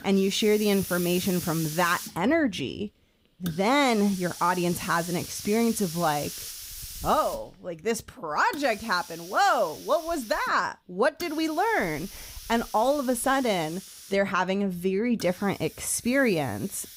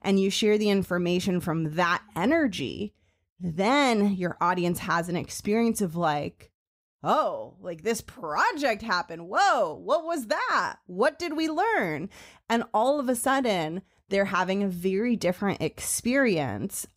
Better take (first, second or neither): second